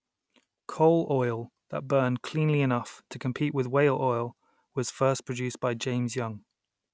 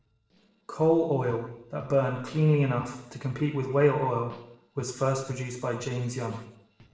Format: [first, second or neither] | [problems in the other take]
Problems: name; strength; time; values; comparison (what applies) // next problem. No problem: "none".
first | noise reduction (neural separator model SepFormer DNS4)